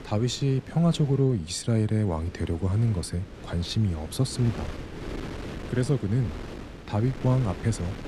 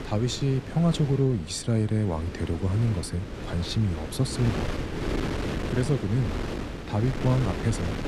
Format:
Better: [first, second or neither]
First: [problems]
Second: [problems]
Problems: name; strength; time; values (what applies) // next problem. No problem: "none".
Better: first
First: wind noise on the microphone; occasional gusts; 10 dB below the speech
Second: wind noise on the microphone; heavy; 4 dB below the speech